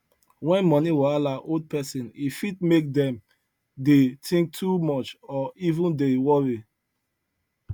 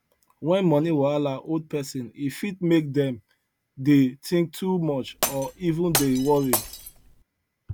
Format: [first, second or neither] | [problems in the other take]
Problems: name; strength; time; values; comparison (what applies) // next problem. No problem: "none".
first | background sound (Glass); 7 dB below the speech